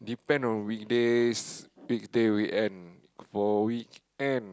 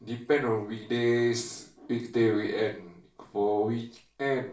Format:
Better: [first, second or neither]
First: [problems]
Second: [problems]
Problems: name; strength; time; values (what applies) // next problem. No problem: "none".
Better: first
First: none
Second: room echo; dies away in 0.3 s